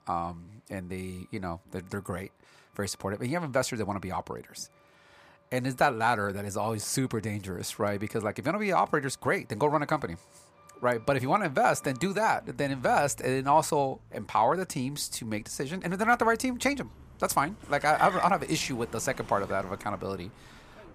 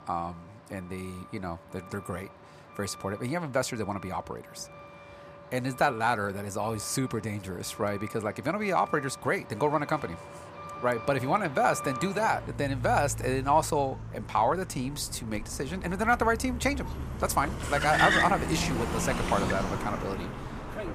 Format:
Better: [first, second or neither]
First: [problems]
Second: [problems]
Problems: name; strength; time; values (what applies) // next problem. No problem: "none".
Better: first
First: traffic noise; faint; throughout; 20 dB below the speech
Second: traffic noise; loud; throughout; 6 dB below the speech